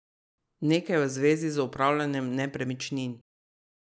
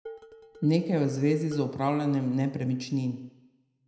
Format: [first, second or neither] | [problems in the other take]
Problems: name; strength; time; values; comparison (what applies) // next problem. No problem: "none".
first | background sound (Dishes, pots, and pans); 20 dB below the speech // room echo; dies away in 0.7 s